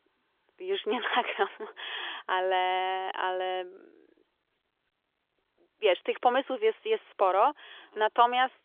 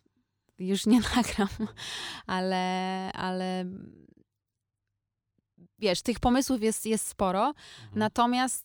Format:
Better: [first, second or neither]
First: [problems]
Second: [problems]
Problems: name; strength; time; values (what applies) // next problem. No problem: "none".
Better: second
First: phone-call audio; nothing above 3.5 kHz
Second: none